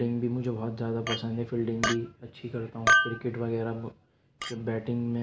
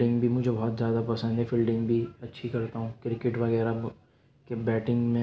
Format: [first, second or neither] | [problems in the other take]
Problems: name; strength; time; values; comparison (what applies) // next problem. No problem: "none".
second | background sound (Chink, clink); 1 dB below the speech